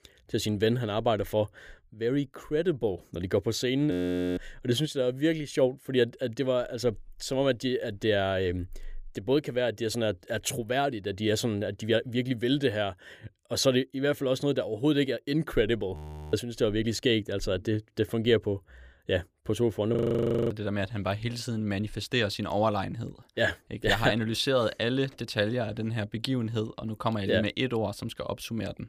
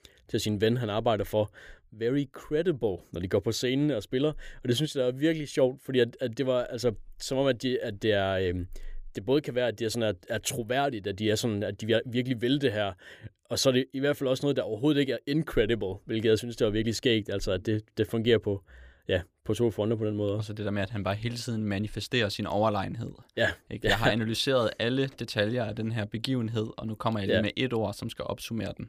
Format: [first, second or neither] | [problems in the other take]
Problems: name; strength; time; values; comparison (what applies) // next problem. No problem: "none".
second | audio freezing; at 4 s, at 16 s and at 20 s for 0.5 s